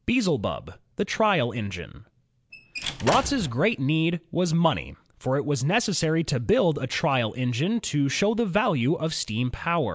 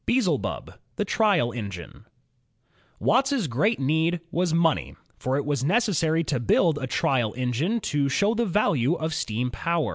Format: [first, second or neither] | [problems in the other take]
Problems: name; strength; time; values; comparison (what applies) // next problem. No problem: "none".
second | background sound (Squeak / Slam / Wood); 8 dB below the speech